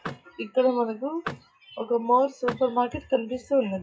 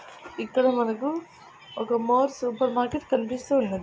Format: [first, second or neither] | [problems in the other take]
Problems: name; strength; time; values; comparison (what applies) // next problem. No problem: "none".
second | noise reduction (classical method WPE with log-MMSE)